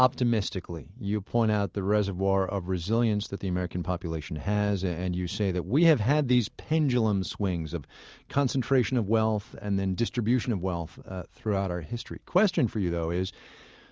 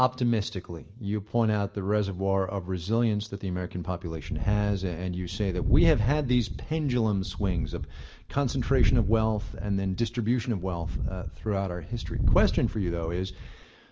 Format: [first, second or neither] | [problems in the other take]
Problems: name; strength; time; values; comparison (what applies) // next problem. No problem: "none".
first | background sound (Wind); 1 dB below the speech // room echo; dies away in 0.5 s